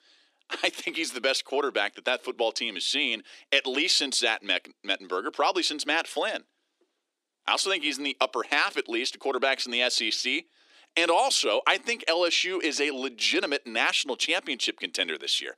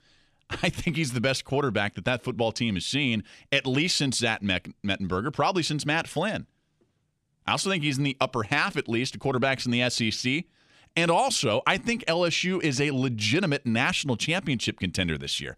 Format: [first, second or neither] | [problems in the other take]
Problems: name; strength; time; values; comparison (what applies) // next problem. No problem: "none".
second | thin; somewhat; fading below 300 Hz